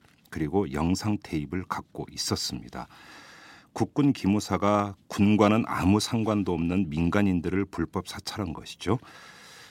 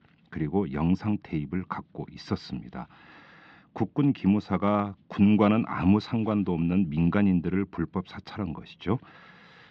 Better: first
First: none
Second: muffled; slightly; fading above 3.5 kHz

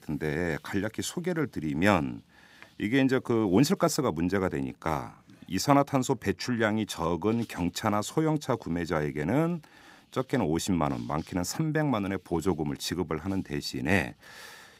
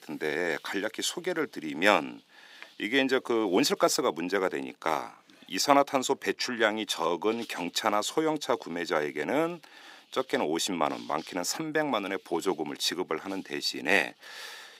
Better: first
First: none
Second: thin; somewhat; fading below 400 Hz

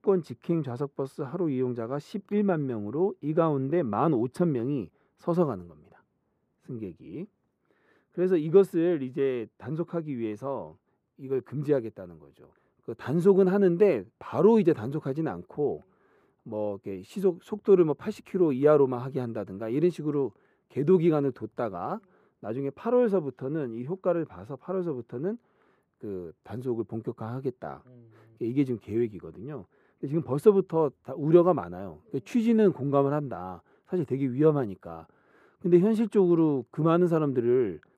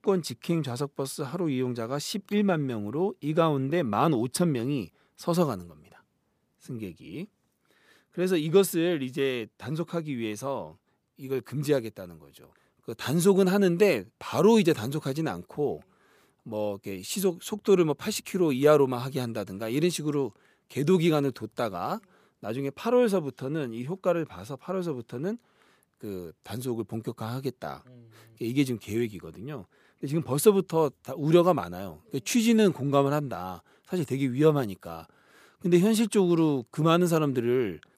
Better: second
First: muffled; very; fading above 2.5 kHz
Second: none

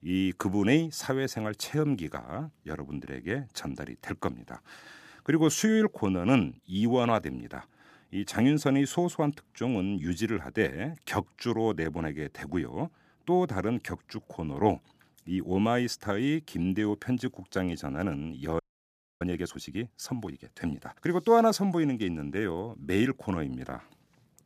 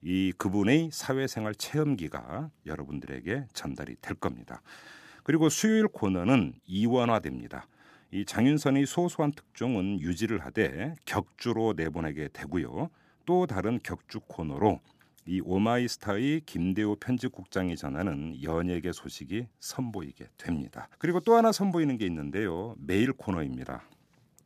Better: second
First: audio freezing; at 19 s for 0.5 s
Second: none

